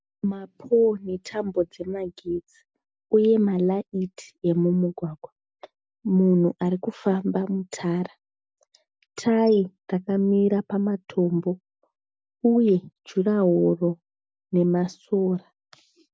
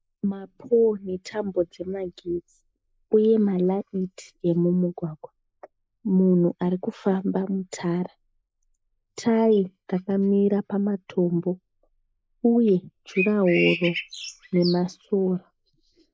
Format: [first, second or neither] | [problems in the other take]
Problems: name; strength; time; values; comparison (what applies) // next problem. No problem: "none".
first | noise reduction (neural mask model Resemble Enhance denoiser)